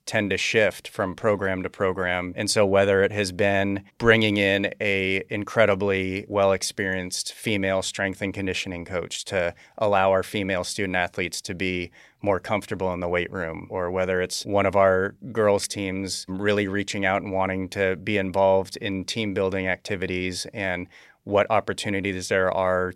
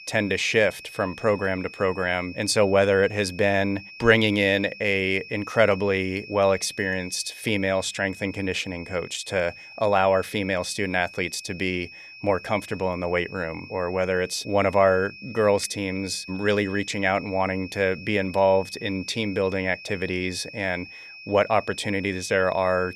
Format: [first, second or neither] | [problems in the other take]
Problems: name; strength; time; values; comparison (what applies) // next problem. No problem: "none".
first | high-pitched whine; noticeable; throughout; 2.5 kHz, 15 dB below the speech